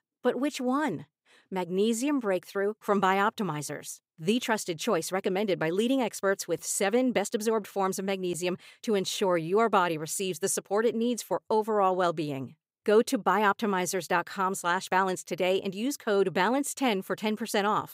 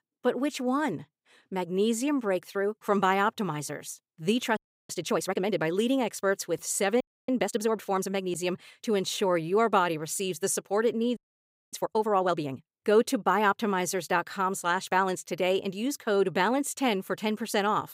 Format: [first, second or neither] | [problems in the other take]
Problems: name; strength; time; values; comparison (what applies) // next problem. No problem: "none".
first | audio freezing; at 4.5 s, at 7 s and at 11 s for 0.5 s